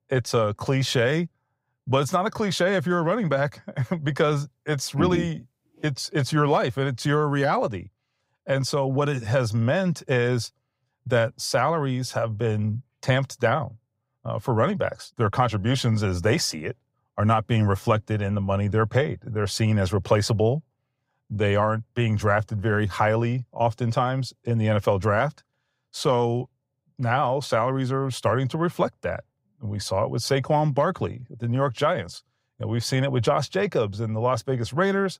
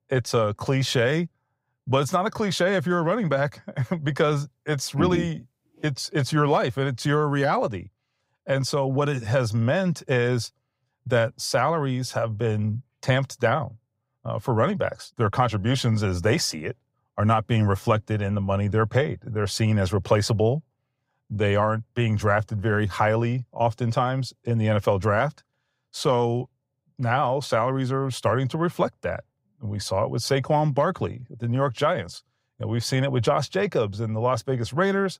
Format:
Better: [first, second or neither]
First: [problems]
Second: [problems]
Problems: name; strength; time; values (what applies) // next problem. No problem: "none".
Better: neither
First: none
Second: none